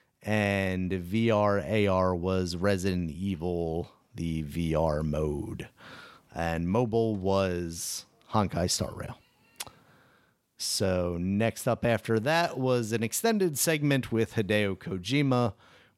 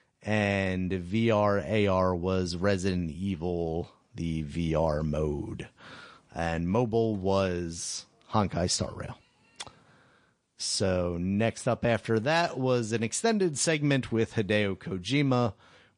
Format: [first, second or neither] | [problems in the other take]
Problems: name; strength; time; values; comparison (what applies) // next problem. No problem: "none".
first | garbled, watery; slightly